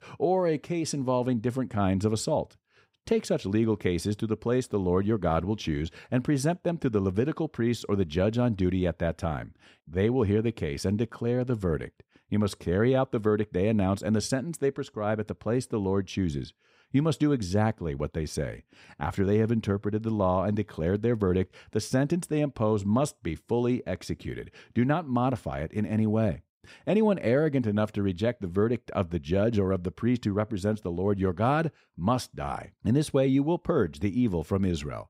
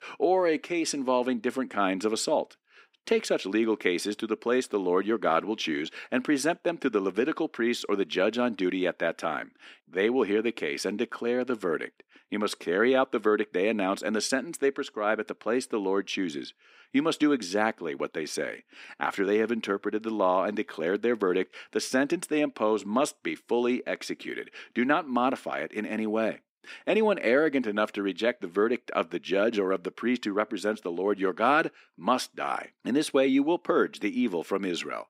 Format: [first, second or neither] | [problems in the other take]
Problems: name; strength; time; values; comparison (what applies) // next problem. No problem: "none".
first | thin; very slightly; fading below 250 Hz